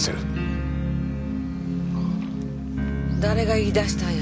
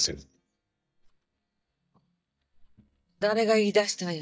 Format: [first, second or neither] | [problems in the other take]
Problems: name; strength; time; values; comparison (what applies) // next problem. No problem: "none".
first | noise reduction (neural mask model DeepFilterNet 3)